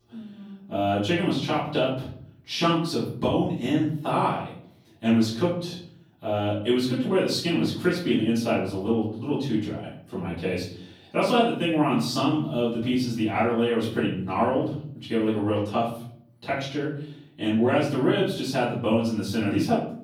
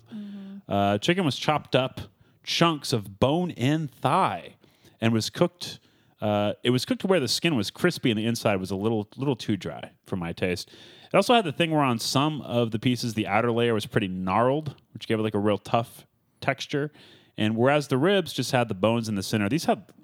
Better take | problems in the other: second | off-mic speech; far // room echo; noticeable; dies away in 0.6 s

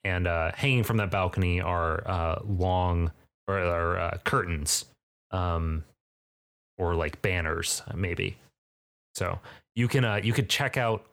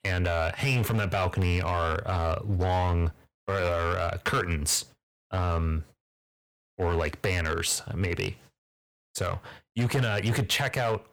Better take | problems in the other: first | distortion; slight; 7% of the sound clipped

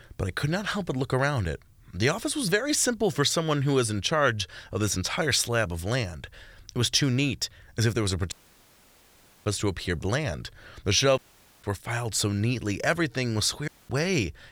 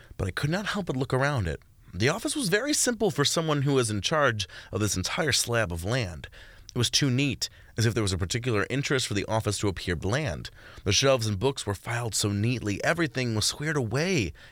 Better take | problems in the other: second | audio cutting out; at 8.5 s for 1 s, at 11 s and at 14 s

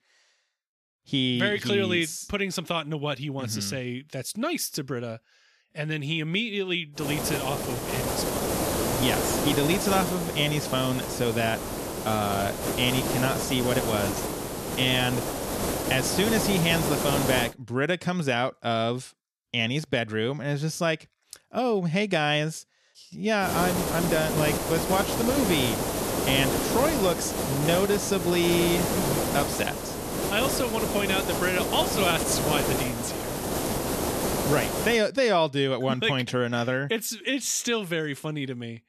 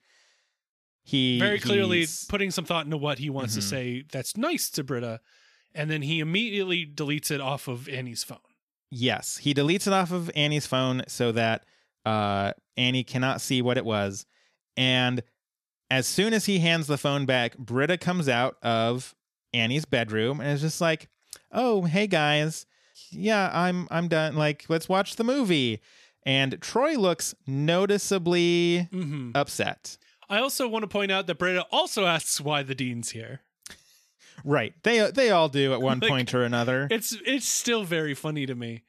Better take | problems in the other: second | hiss; loud; from 7 to 17 s and from 23 to 35 s; 1 dB below the speech

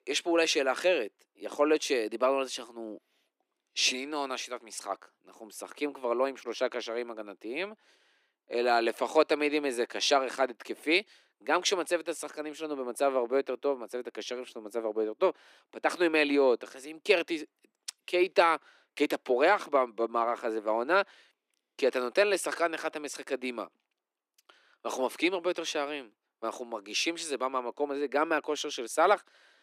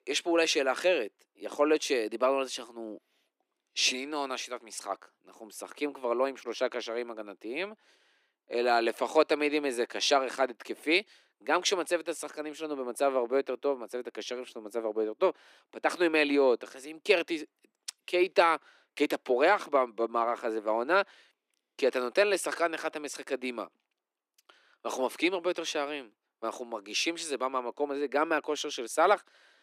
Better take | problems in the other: neither | thin; somewhat; fading below 350 Hz; the same in both

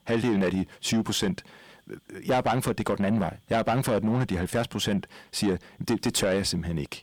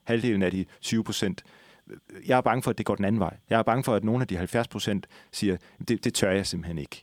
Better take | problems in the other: second | distortion; heavy; 7 dB below the speech

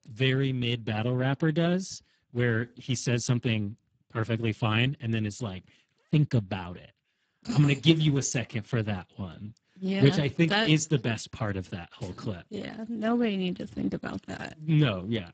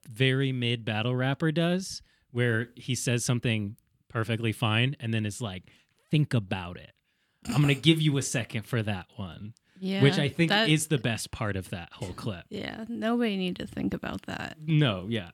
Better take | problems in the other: second | garbled, watery; badly; nothing above 7.5 kHz

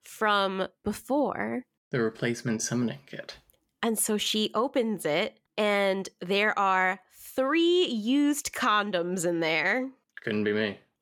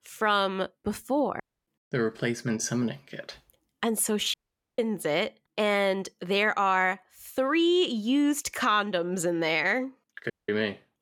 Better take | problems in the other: first | audio cutting out; at 1.5 s, at 4.5 s and at 10 s

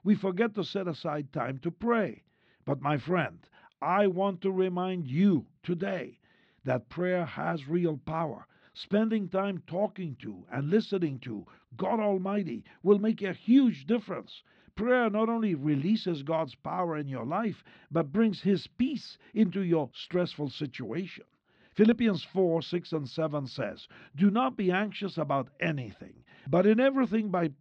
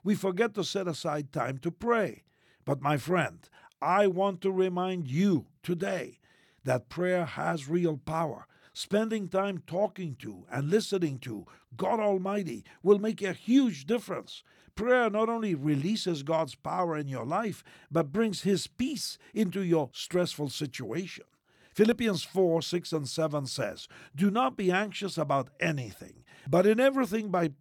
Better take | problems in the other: second | muffled; very slightly; fading above 4 kHz

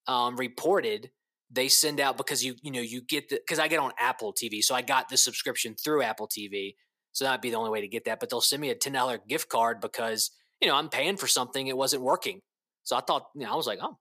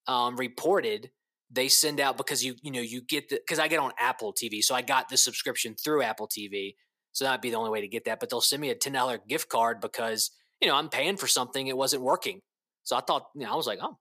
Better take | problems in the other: neither | thin; somewhat; fading below 400 Hz; the same in both

